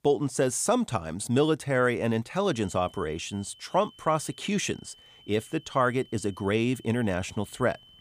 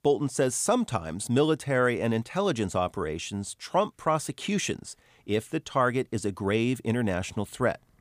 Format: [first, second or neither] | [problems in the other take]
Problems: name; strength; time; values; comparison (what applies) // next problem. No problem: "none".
second | high-pitched whine; faint; from 2.5 s on; 3 kHz, 25 dB below the speech